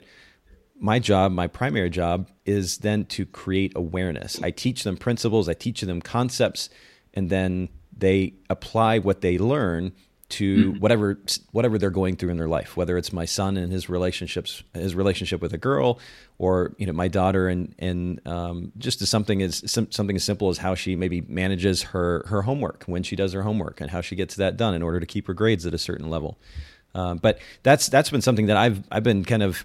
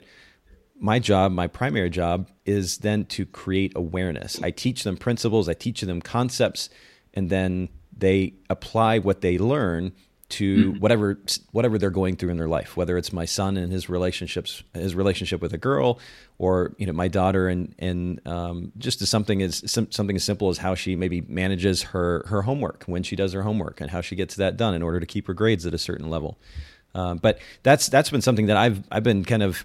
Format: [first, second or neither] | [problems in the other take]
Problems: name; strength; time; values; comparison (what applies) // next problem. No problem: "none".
neither | none